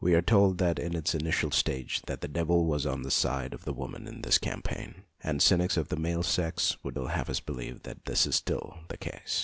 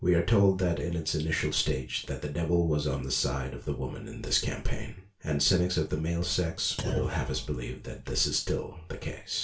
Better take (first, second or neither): first